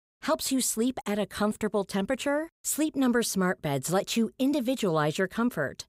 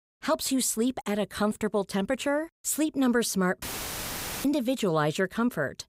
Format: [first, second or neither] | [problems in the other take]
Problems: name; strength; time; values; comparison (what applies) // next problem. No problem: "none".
first | audio cutting out; filled with static; at 3.5 s for 1 s